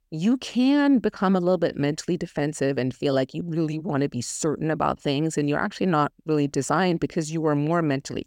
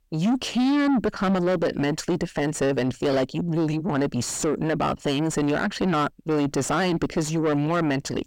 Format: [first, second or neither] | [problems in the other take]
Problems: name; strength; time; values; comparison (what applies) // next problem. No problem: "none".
first | distortion; heavy; 5 dB below the speech